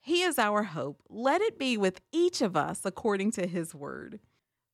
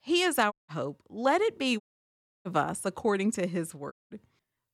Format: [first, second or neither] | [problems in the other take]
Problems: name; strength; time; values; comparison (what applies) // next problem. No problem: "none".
first | audio cutting out; at 0.5 s, at 2 s for 0.5 s and at 4 s